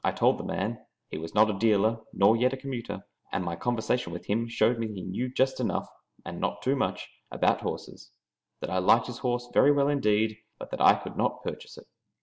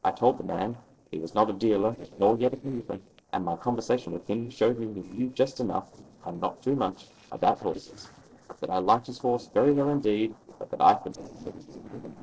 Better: first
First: none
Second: noise reduction (neural separator model SepFormer DNS4)

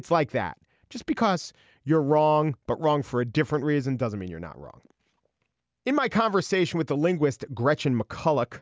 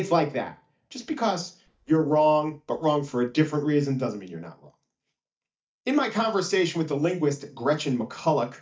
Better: first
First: none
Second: noise reduction (neural mask model DeepFilterNet 3)

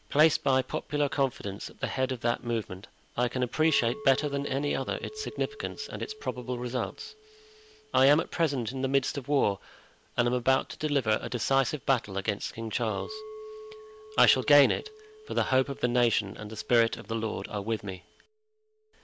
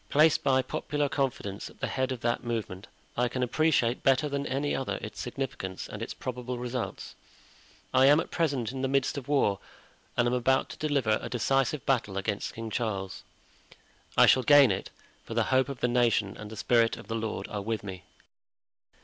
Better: second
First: background sound (Chink, clink); 20 dB below the speech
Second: none

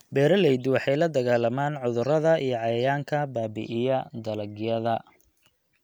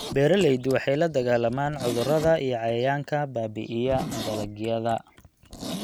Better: first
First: none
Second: background sound (Zipper (clothing)); 13 dB below the speech

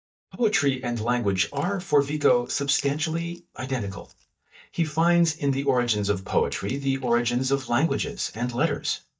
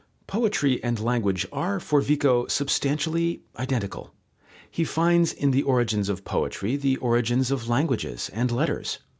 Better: second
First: noise reduction (neural mask model DeepFilterNet 3)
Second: none

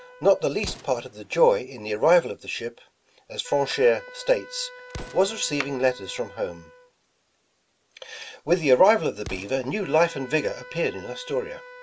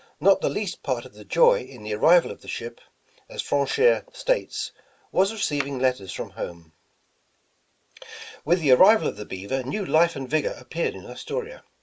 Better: second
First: background sound (Explosion + Wind instrument, woodwind instrument); 19 dB below the speech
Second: none

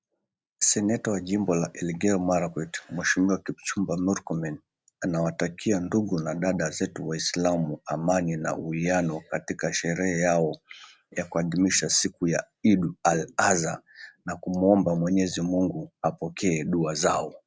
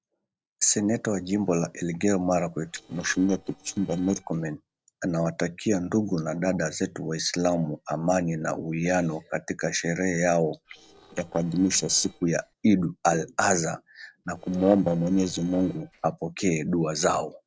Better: first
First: none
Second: noise reduction (neural separator model SepFormer DNS4)

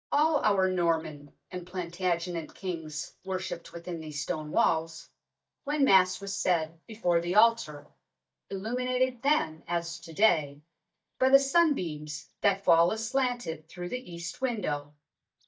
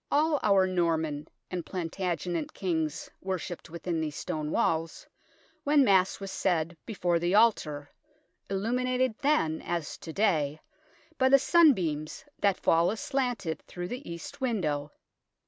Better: second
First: noise reduction (neural mask model DeepFilterNet 3)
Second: none

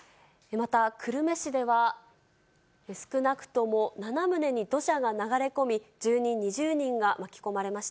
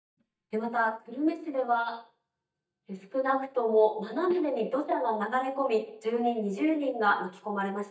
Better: first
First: none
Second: noise reduction (neural mask model DeepFilterNet 3)

